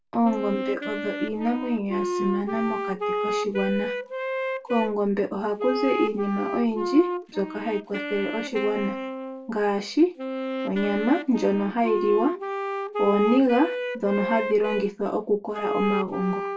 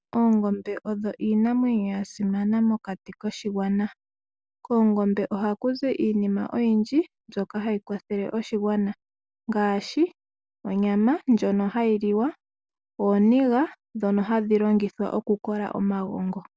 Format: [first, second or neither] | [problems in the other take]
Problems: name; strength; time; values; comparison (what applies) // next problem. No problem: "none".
second | background sound (Wind instrument, woodwind instrument); 4 dB below the speech // room echo; dies away in 0.2 s